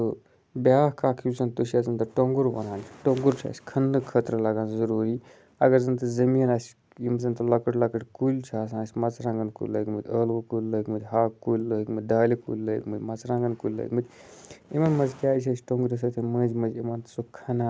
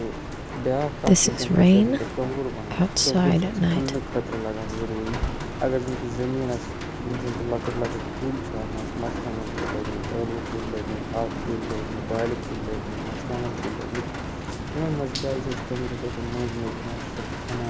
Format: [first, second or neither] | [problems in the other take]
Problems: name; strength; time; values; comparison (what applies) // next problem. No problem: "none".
first | background sound (Rain); 4 dB above the speech